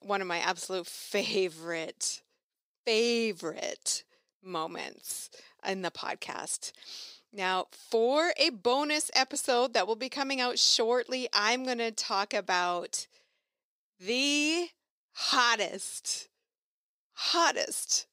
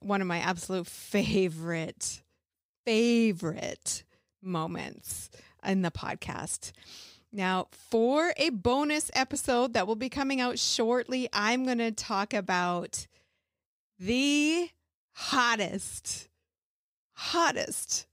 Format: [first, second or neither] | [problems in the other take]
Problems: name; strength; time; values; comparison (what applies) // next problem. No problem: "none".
second | thin; somewhat; fading below 400 Hz